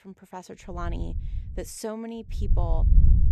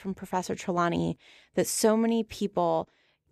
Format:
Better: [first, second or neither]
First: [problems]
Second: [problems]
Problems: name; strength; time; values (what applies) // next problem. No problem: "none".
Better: second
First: wind noise on the microphone; heavy; at 0.5 s and at 2.5 s; 7 dB below the speech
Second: none